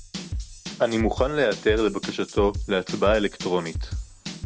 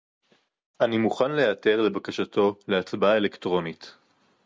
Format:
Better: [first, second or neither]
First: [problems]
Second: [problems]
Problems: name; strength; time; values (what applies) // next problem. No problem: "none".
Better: second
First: background sound (Drum / Drum kit); 8 dB below the speech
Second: none